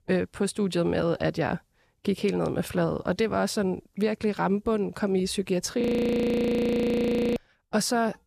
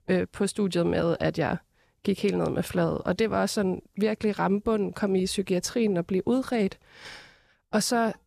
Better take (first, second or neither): second